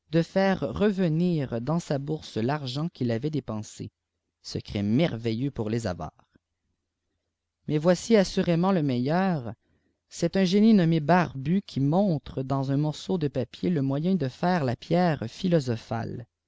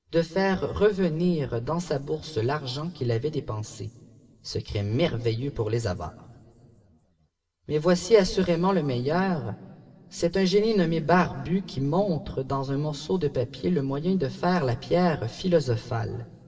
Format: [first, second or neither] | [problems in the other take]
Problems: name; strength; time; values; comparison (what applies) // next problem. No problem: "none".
first | room echo; dies away in 2.8 s